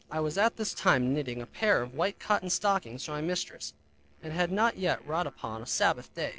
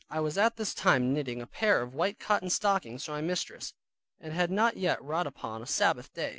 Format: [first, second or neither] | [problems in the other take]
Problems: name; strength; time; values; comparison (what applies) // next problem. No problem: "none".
second | noise reduction (neural separator model SepFormer DNS4)